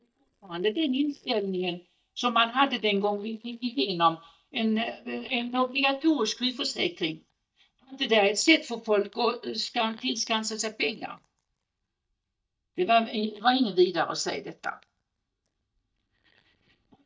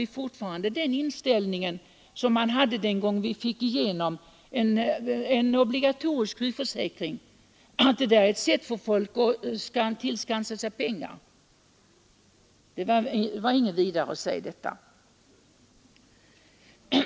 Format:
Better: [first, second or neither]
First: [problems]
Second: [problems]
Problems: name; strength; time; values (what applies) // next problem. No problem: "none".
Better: second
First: noise reduction (neural mask model DeepFilterNet 3)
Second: none